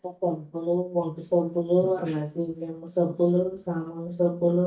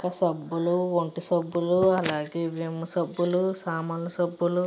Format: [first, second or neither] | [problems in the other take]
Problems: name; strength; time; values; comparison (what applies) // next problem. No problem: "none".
second | noise reduction (neural mask model DeepFilterNet 3)